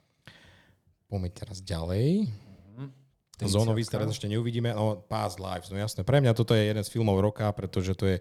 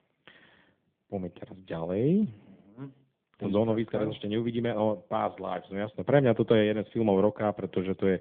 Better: first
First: none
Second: phone-call audio; nothing above 3.5 kHz

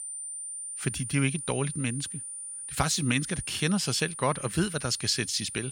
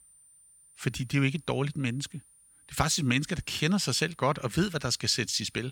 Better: second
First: high-pitched whine; loud; throughout; 9.5 kHz, 7 dB below the speech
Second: high-pitched whine; faint; throughout; 9.5 kHz, 30 dB below the speech

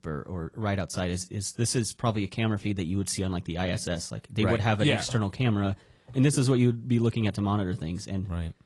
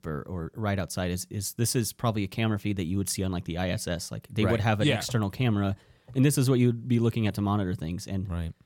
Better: second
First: garbled, watery; slightly; nothing above 10.5 kHz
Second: none

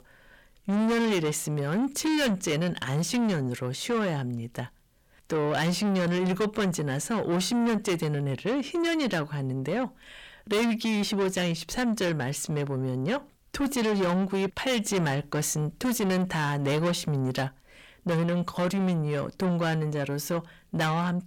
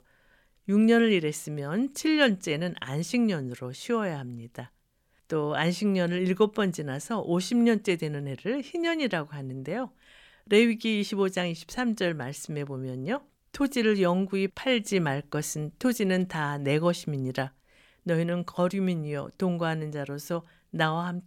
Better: second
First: distortion; heavy; 6 dB below the speech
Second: none

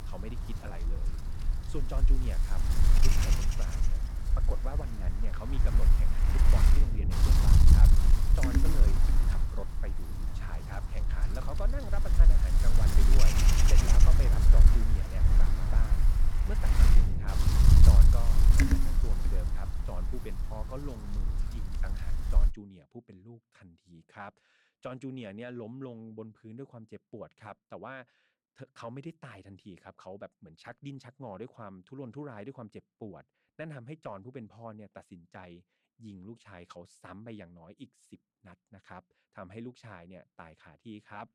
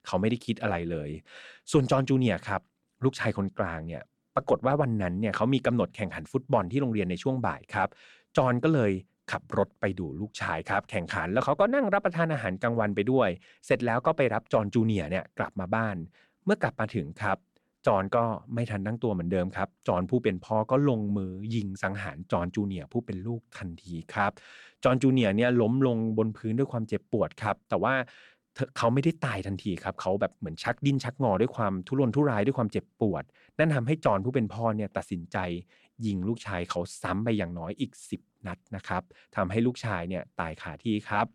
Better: second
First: wind noise on the microphone; heavy; until 22 s; 5 dB above the speech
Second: none

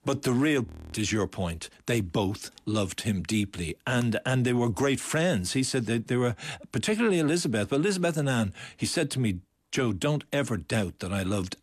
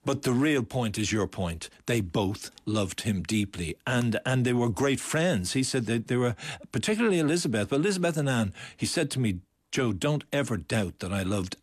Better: second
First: audio freezing; at 0.5 s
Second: none

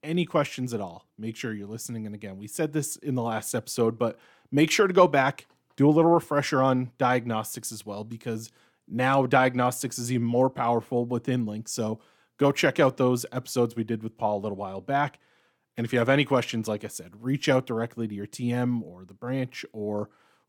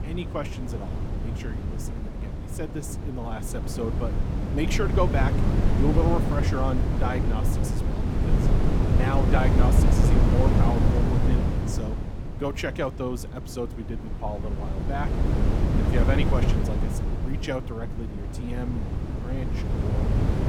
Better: first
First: none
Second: wind noise on the microphone; heavy; 2 dB below the speech

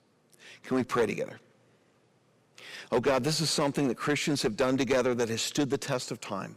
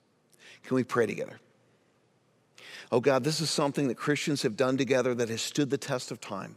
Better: second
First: distortion; slight; 4% of the sound clipped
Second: none

